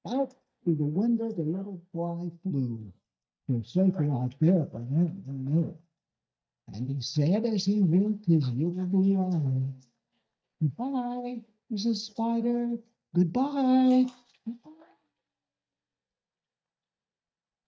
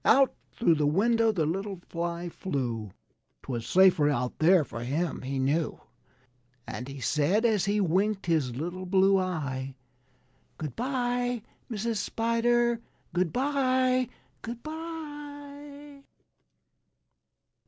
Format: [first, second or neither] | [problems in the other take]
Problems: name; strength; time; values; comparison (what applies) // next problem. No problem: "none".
second | noise reduction (neural mask model DeepFilterNet 3)